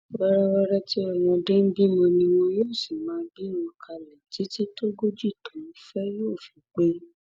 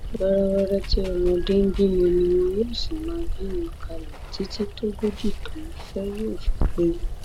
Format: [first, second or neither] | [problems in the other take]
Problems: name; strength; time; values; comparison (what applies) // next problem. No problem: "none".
first | background sound (Water); 3 dB below the speech